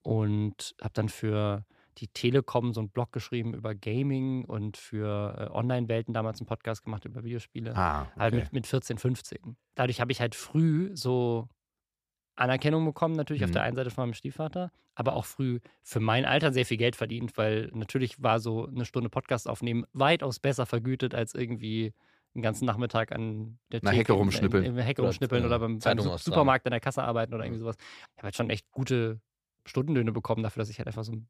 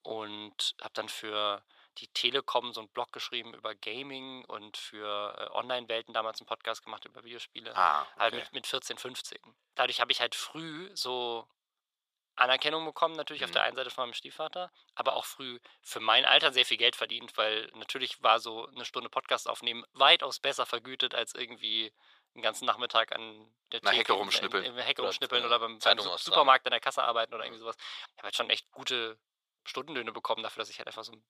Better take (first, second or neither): first